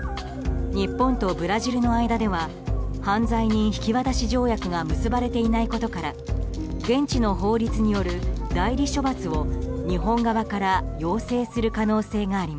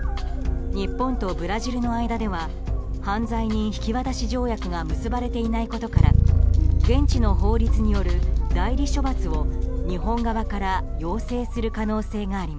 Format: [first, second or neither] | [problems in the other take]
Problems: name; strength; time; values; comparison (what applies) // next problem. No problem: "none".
first | background sound (Bass guitar); 3 dB above the speech